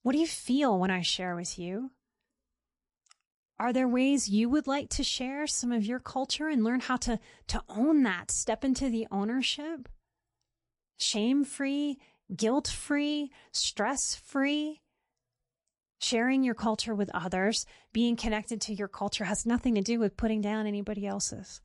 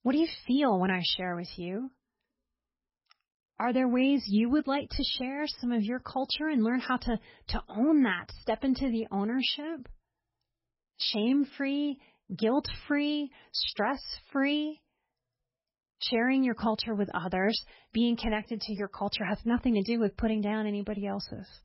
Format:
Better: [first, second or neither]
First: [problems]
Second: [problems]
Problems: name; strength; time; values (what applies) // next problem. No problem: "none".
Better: first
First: garbled, watery; slightly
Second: garbled, watery; badly; nothing above 5.5 kHz